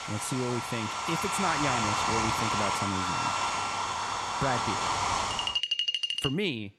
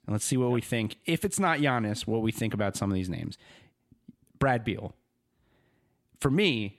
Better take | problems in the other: second | household noises; very loud; throughout; 4 dB above the speech

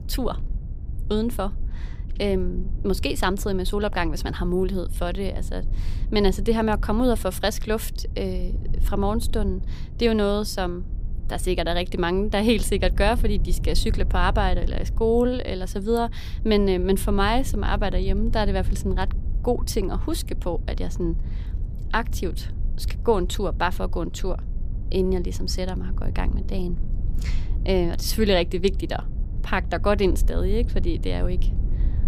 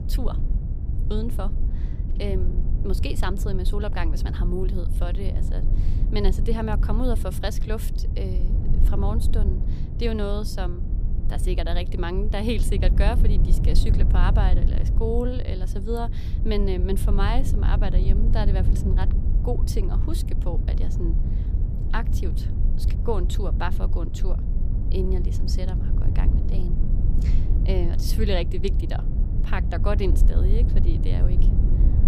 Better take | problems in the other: first | low rumble; loud; throughout; 8 dB below the speech; faint in the first

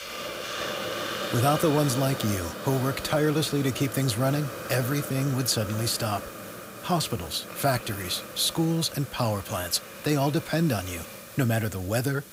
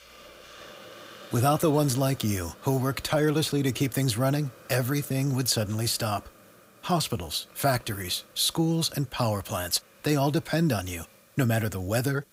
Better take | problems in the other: second | hiss; loud; throughout; 9 dB below the speech; faint in the second

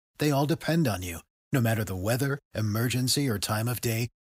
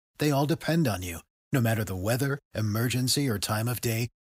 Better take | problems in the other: neither | none

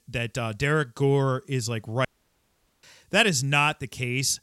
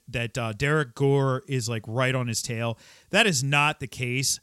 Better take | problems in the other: second | audio cutting out; at 2 s for 1 s

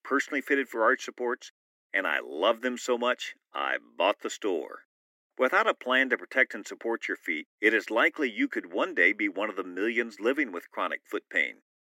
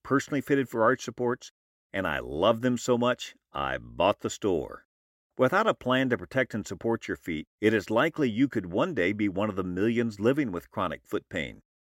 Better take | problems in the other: second | thin; very slightly; fading below 250 Hz

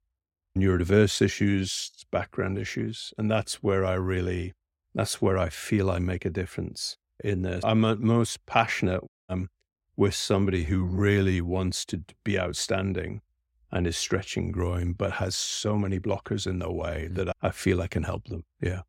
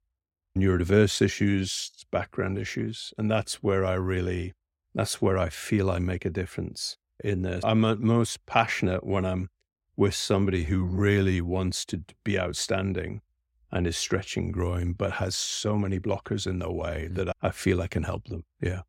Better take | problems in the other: second | audio cutting out; at 9 s

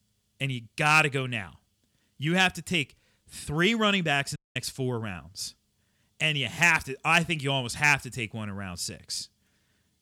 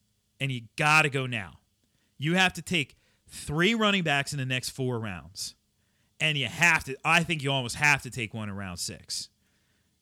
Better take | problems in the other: second | audio cutting out; at 4.5 s

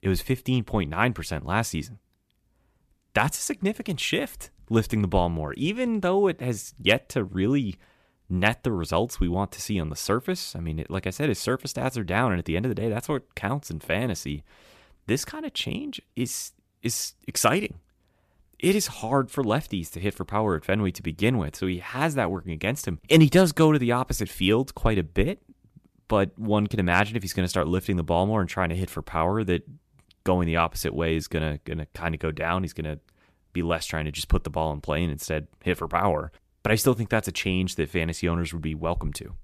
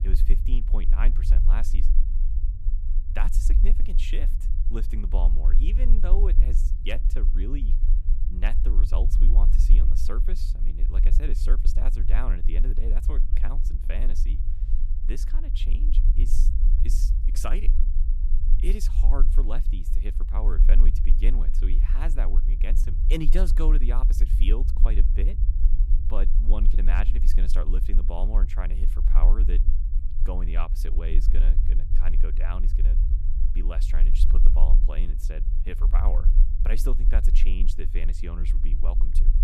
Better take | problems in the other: first | low rumble; loud; throughout; 8 dB below the speech

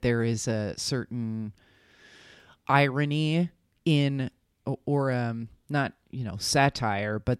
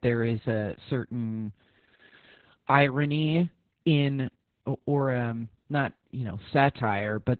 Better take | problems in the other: first | garbled, watery; badly; nothing above 4 kHz

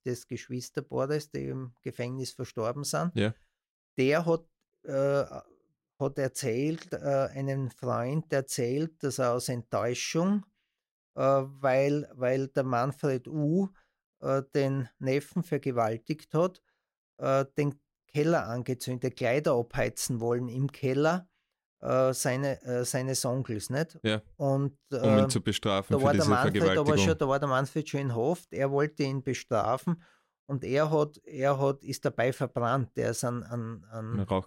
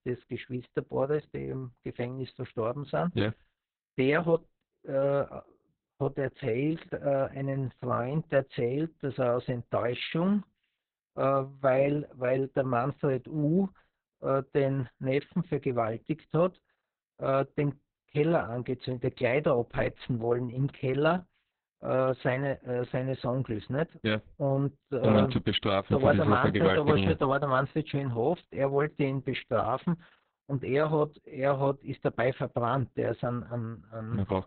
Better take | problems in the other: first | garbled, watery; badly; nothing above 4 kHz

